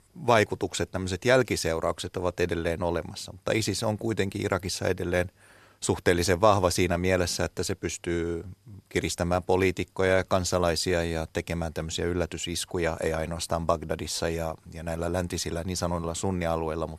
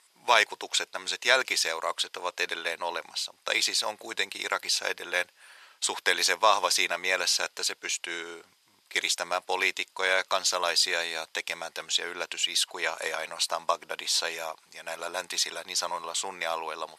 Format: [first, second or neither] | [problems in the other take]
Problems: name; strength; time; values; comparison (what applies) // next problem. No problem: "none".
first | thin; very; fading below 850 Hz